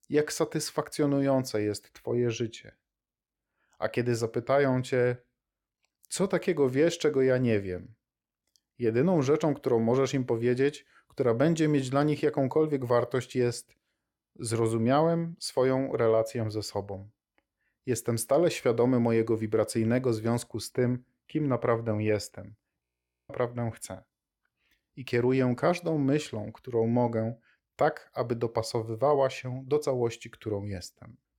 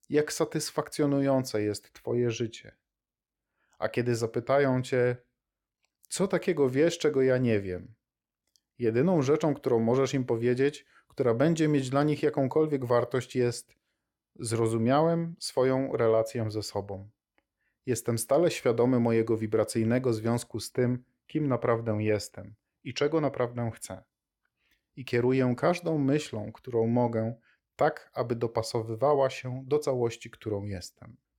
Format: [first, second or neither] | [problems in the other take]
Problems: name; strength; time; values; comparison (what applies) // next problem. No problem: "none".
second | audio freezing; at 23 s